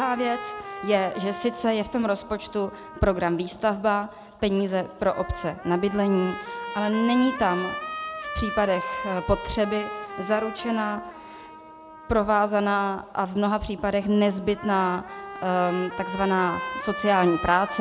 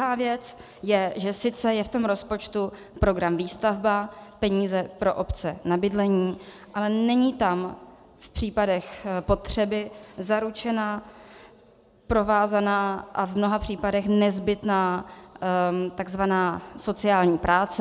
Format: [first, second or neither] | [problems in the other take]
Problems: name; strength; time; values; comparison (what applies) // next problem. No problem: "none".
second | background sound (Trumpet); 11 dB below the speech